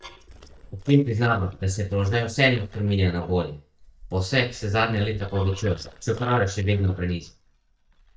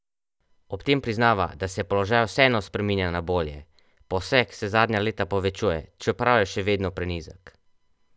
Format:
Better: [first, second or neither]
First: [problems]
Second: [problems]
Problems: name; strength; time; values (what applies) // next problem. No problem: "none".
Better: second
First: noise reduction (neural mask model DeepFilterNet 3)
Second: none